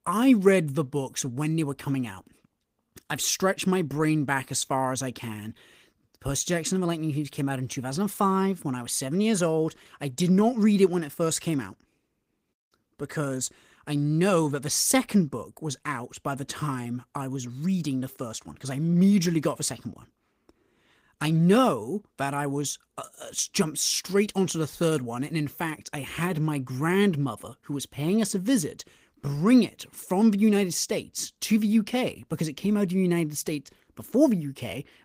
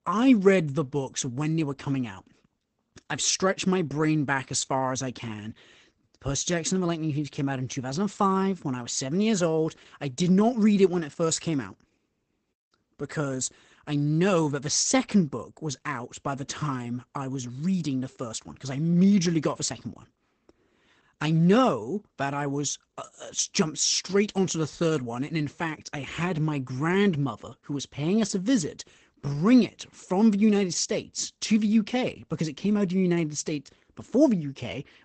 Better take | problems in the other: first | garbled, watery; badly; nothing above 8 kHz; slightly in the first

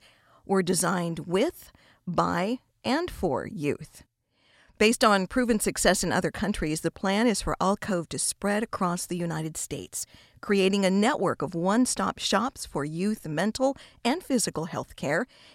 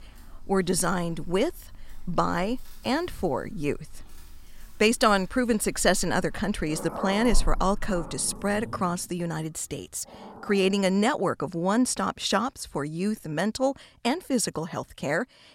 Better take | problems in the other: first | animal sounds; noticeable; until 11 s; 15 dB below the speech

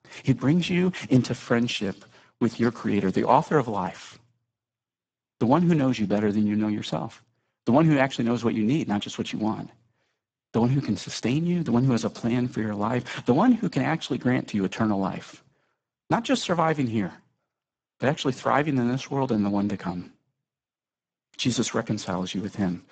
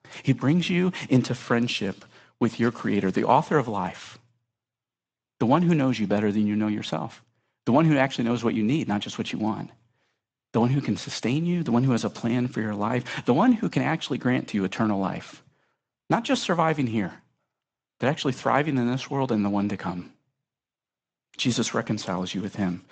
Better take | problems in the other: second | garbled, watery; badly; nothing above 7.5 kHz; slightly in the second

